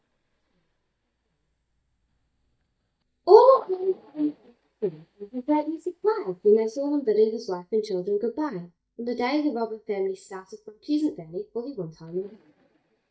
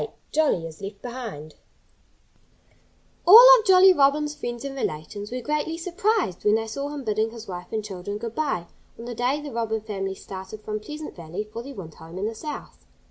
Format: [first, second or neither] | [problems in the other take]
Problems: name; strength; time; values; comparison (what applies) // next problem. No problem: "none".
second | noise reduction (neural mask model DeepFilterNet 3)